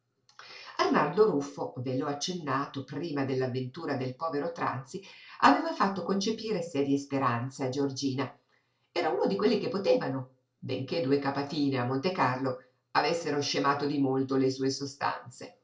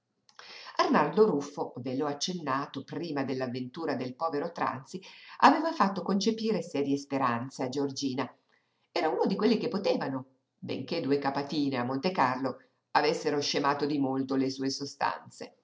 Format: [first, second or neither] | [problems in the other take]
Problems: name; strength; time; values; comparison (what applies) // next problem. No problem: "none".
second | room echo; dies away in 0.2 s